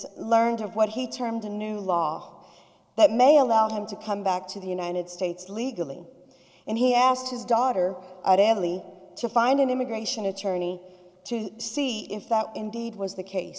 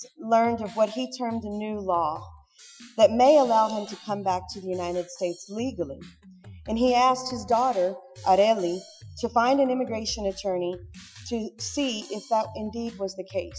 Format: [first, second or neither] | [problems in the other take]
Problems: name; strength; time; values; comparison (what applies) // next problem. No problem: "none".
first | noise reduction (classical method Wiener filter)